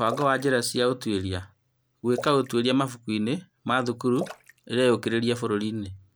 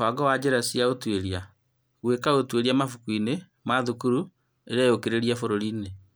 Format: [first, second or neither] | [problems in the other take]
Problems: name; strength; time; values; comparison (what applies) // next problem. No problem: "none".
second | background sound (Splash, splatter); 19 dB below the speech